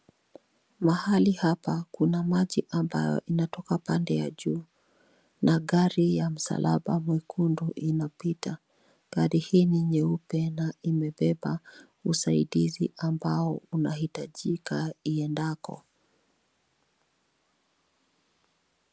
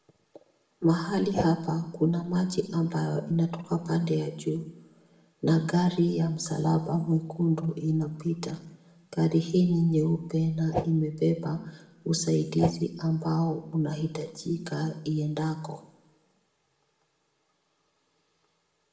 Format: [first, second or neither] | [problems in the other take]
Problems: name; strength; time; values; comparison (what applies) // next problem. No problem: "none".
first | background sound (Whoosh, swoosh, swish); 3 dB below the speech // room echo; dies away in 0.7 s